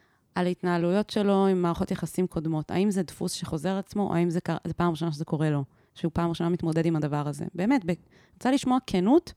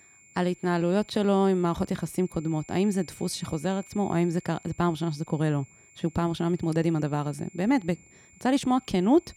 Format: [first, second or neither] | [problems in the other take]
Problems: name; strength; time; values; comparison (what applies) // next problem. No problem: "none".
first | high-pitched whine; faint; throughout; 7 kHz, 25 dB below the speech